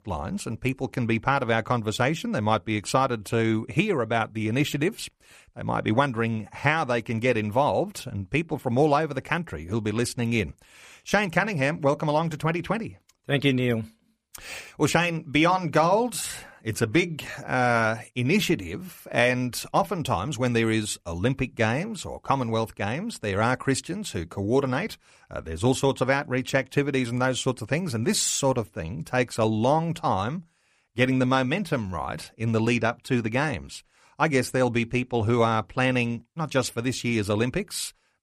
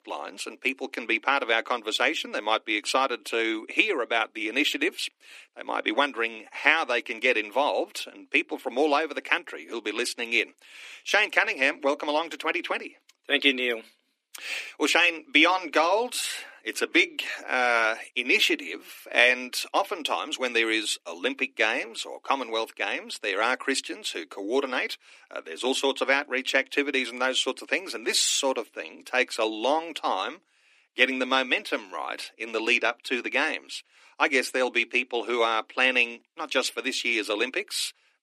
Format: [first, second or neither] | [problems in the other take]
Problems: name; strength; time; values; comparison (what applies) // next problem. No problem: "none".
first | thin; somewhat; fading below 300 Hz